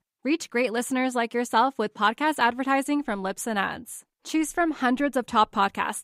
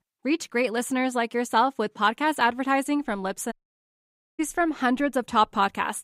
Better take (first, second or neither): first